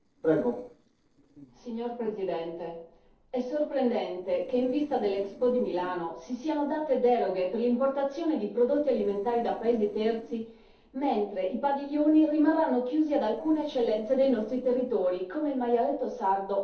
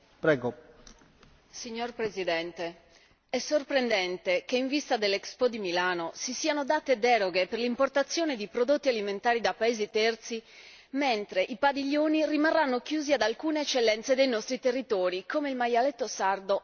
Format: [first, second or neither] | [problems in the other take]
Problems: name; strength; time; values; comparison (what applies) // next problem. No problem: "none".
second | noise reduction (neural separator model SepFormer DNS4)